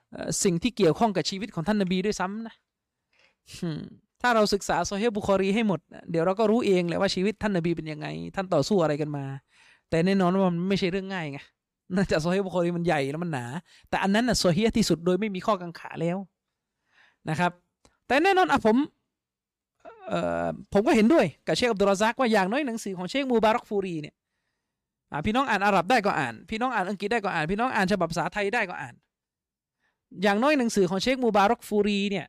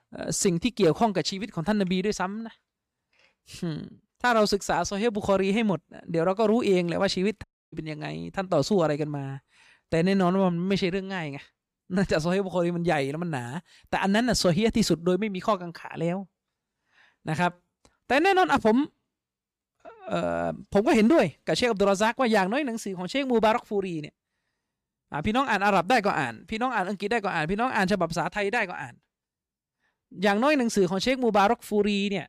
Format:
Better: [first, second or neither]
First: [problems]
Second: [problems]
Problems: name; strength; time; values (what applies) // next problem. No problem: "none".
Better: first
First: none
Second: audio cutting out; at 7.5 s